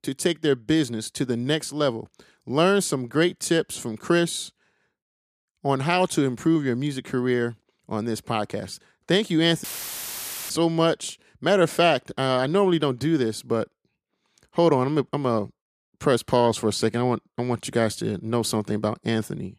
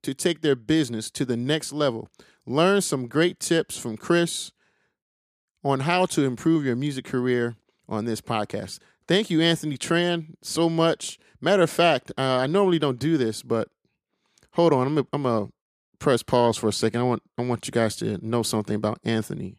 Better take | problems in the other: second | audio cutting out; filled with static; at 9.5 s for 1 s

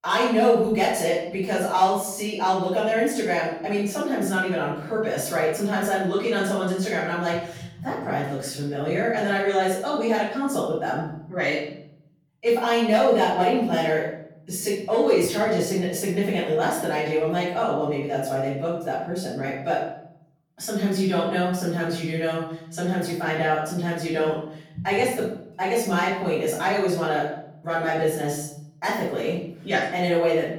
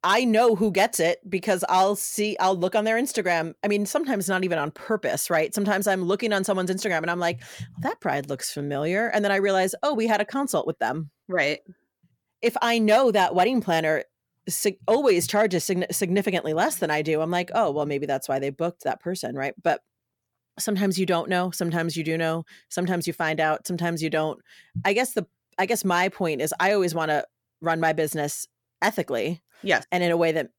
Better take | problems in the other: second | off-mic speech; far // room echo; noticeable; dies away in 0.7 s

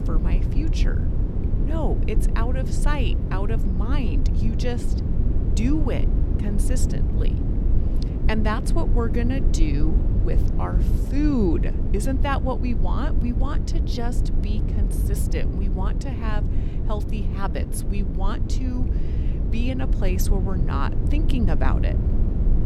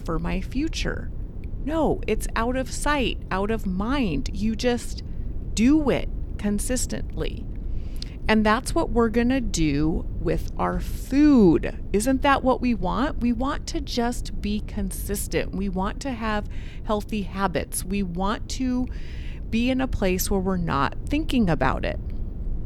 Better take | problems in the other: second | low rumble; loud; throughout; 5 dB below the speech; faint in the second

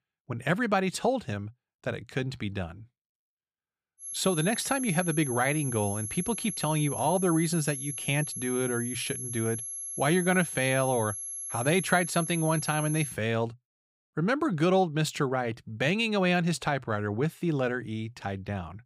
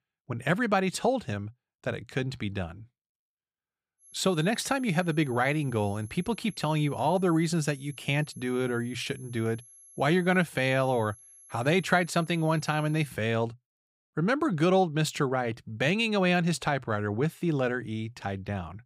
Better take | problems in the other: second | high-pitched whine; loud; from 4 to 13 s; 11 kHz, 6 dB below the speech; faint in the second

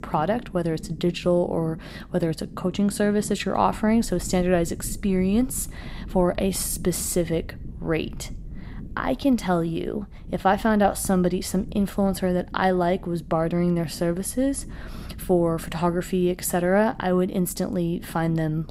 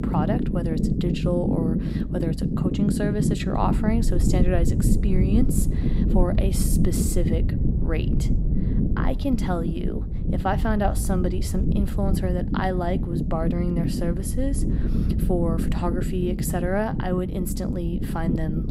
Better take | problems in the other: first | low rumble; loud; throughout; 4 dB below the speech; faint in the first

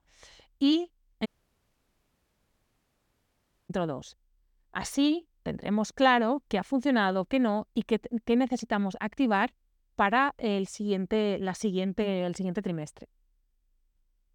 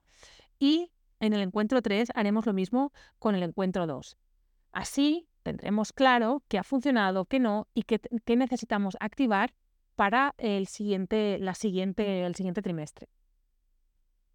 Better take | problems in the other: second | audio cutting out; at 1.5 s for 2.5 s

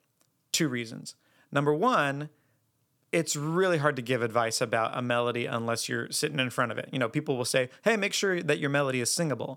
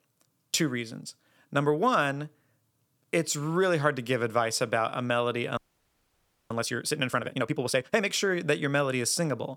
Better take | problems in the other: first | audio freezing; at 5.5 s for 1 s

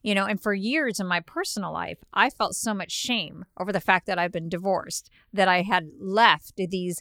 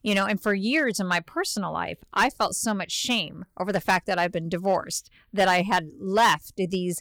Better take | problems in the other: first | distortion; slight; 3% of the sound clipped

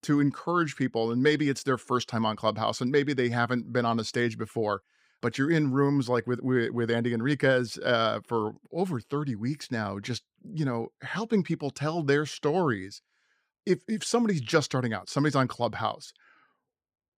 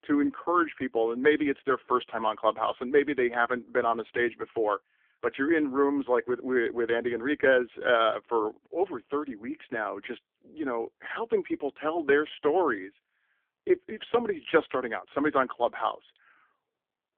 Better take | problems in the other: first | phone-call audio; poor line; nothing above 3.5 kHz

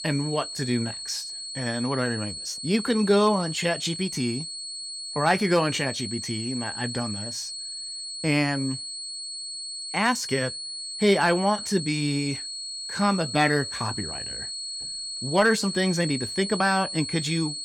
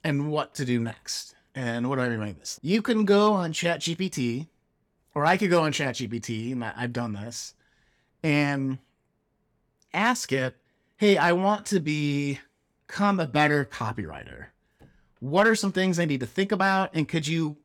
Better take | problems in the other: second | high-pitched whine; loud; throughout; 4.5 kHz, 6 dB below the speech

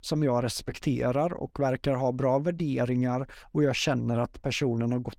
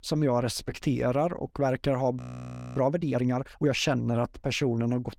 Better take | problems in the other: first | audio freezing; at 2 s for 0.5 s

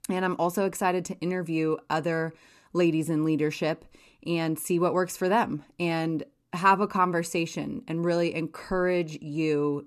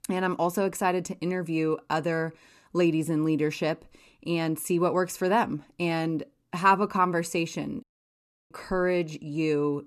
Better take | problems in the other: first | audio cutting out; at 8 s for 0.5 s

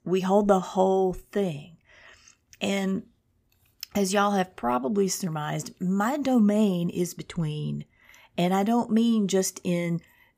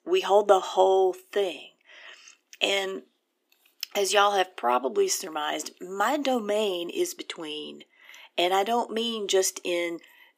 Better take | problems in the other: first | thin; very; fading below 300 Hz

